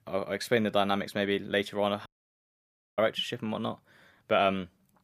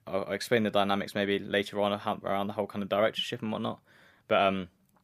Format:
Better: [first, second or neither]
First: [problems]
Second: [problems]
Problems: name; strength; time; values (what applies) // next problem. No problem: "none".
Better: second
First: audio cutting out; at 2 s for 1 s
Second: none